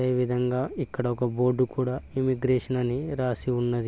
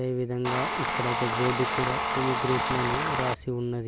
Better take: first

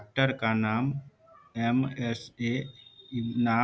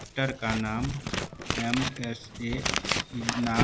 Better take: first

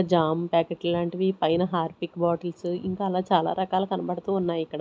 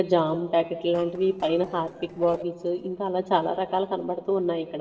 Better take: first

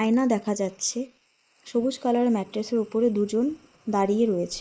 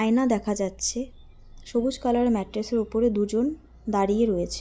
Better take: second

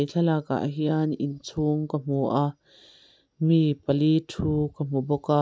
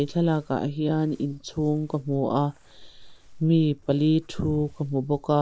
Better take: first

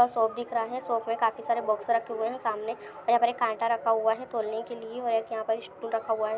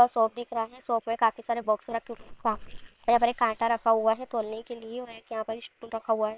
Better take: first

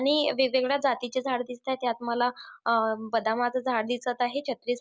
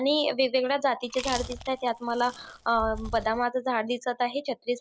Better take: first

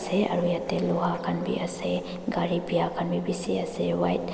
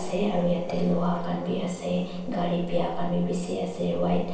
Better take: first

